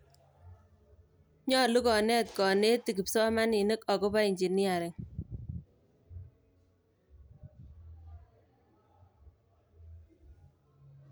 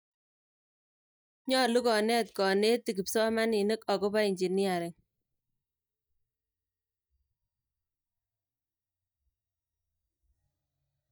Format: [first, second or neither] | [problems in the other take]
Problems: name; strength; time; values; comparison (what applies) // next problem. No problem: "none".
first | noise reduction (neural mask model DeepFilterNet 3)